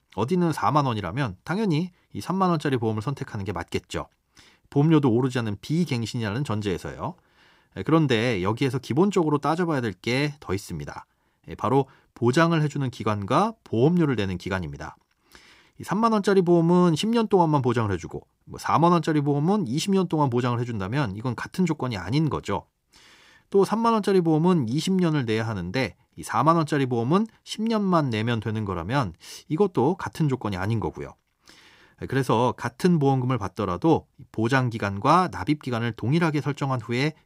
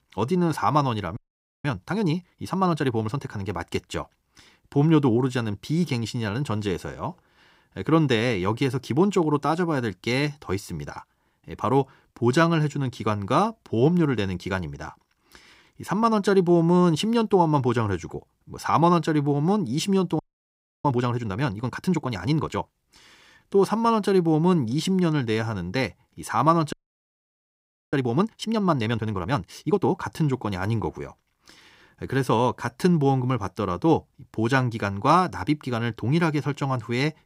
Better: first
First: none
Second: audio freezing; at 1 s, at 20 s for 0.5 s and at 27 s for 1 s

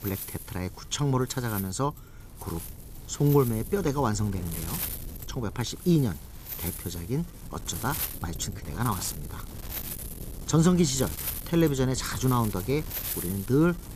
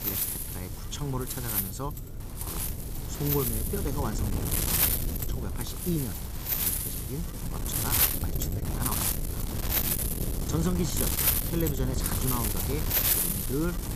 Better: first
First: wind noise on the microphone; occasional gusts; 10 dB below the speech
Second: wind noise on the microphone; heavy; 4 dB above the speech

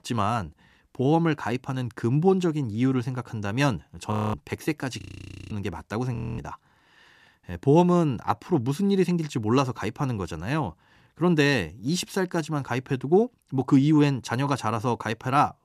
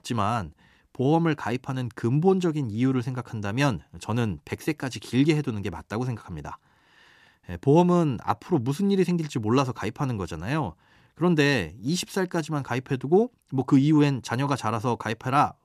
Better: second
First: audio freezing; at 4 s, at 5 s for 0.5 s and at 6 s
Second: none

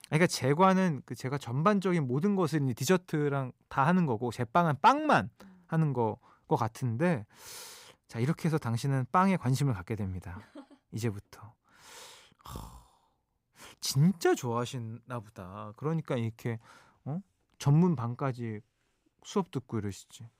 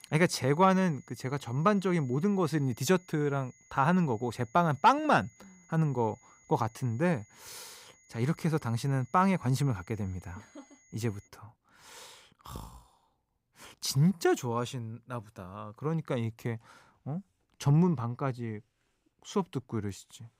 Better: first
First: none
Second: high-pitched whine; faint; until 11 s; 2 kHz, 30 dB below the speech

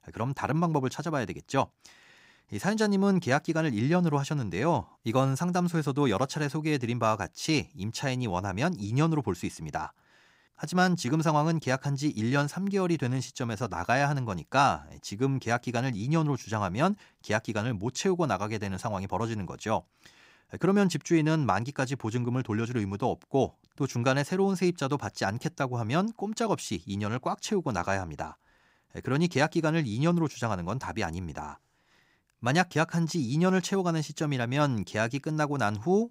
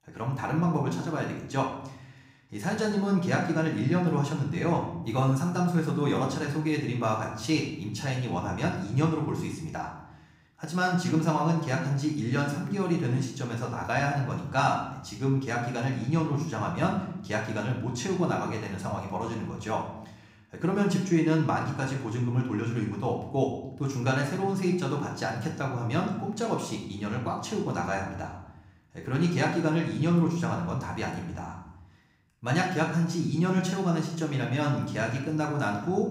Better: first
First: none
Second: room echo; noticeable; dies away in 0.8 s // off-mic speech; somewhat distant

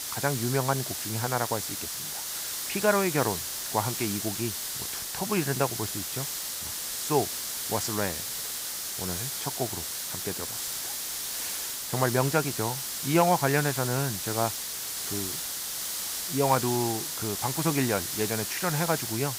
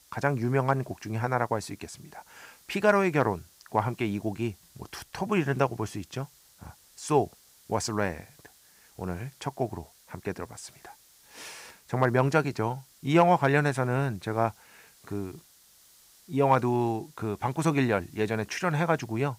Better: second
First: hiss; loud; throughout; 1 dB below the speech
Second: hiss; faint; throughout; 30 dB below the speech

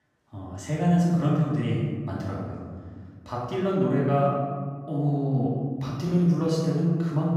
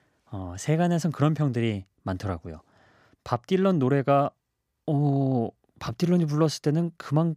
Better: second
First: room echo; noticeable; dies away in 1.7 s // off-mic speech; far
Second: none

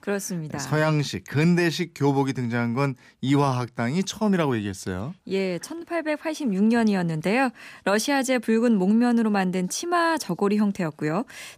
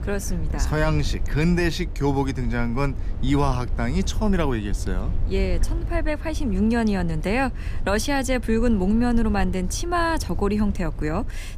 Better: first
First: none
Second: low rumble; noticeable; throughout; 20 dB below the speech

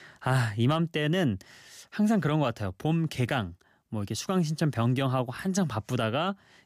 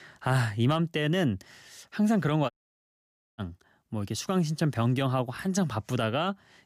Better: first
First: none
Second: audio cutting out; at 2.5 s for 1 s

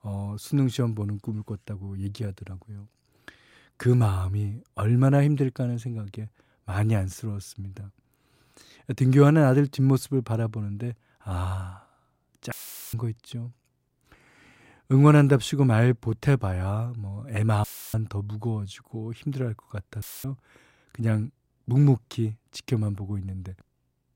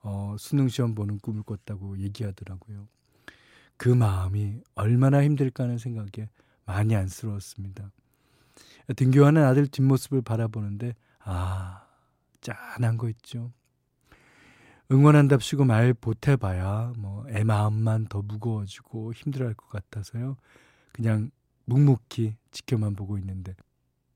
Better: second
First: audio cutting out; filled with static; at 13 s, at 18 s and at 20 s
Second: none

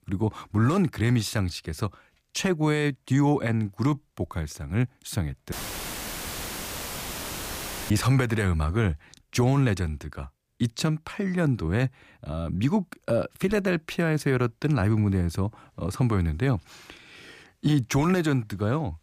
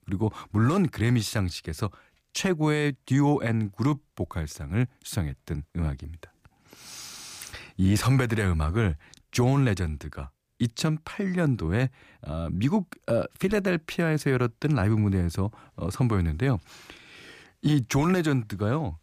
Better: second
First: audio cutting out; filled with static; at 5.5 s for 2.5 s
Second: none

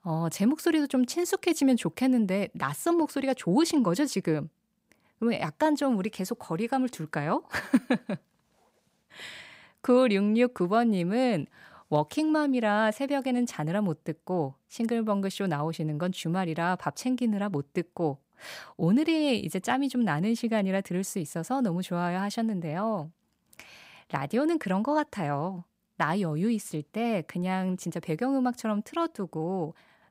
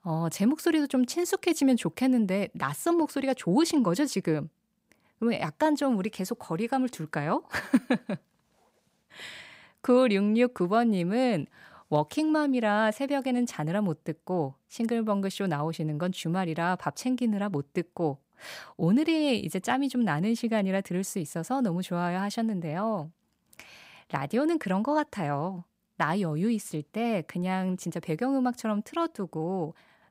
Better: neither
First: none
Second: none

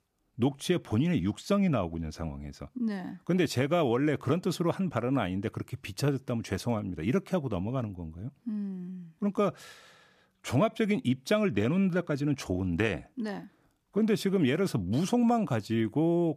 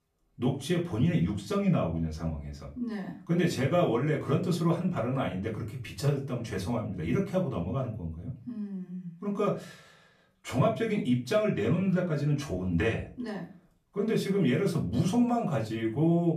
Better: first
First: none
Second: room echo; slight; dies away in 0.3 s // off-mic speech; far

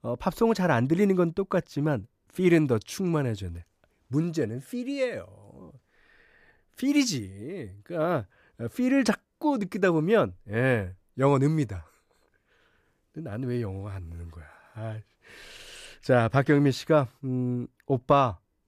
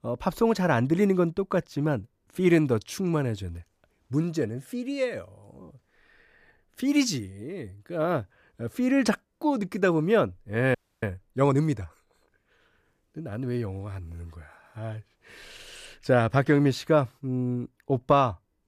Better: first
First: none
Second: audio freezing; at 11 s

